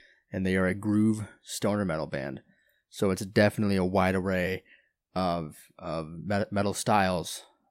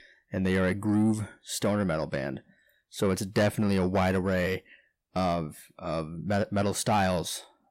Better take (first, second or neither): first